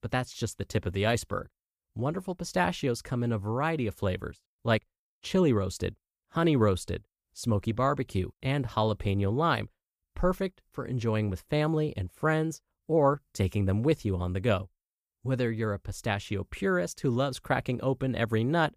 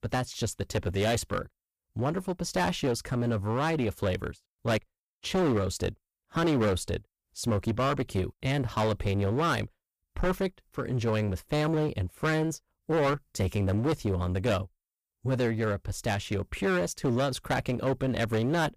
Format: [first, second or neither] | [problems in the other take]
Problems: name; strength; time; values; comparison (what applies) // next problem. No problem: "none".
first | distortion; heavy; 15% of the sound clipped